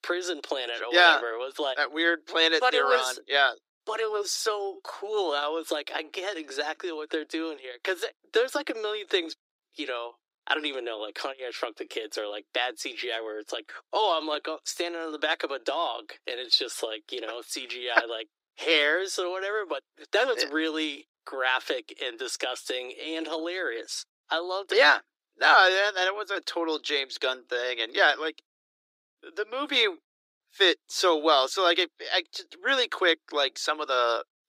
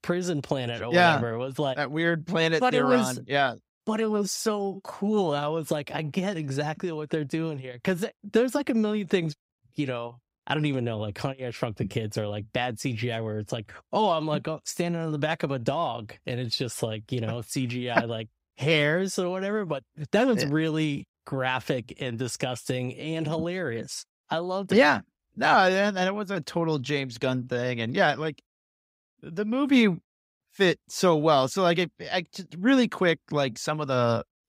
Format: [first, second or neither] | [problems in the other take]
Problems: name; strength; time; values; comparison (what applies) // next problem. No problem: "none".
second | thin; very; fading below 300 Hz